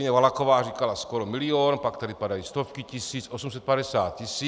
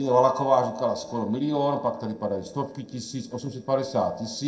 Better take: first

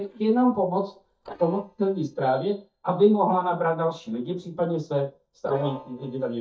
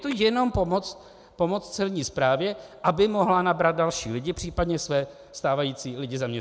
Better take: second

